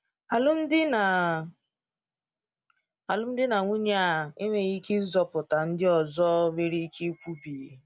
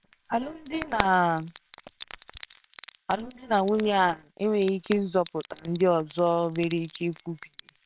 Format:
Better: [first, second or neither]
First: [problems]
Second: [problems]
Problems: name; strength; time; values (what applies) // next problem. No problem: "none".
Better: first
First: none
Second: noise reduction (neural separator model SepFormer WHAMR!)